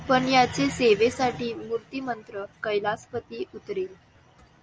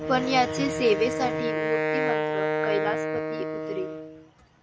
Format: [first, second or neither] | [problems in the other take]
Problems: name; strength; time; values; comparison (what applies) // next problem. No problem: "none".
first | background sound (Wind instrument, woodwind instrument); as loud as the speech